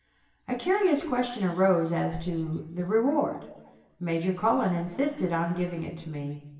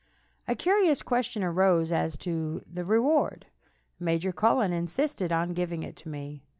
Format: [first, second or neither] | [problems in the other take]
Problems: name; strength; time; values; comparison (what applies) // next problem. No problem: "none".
second | room echo; dies away in 1 s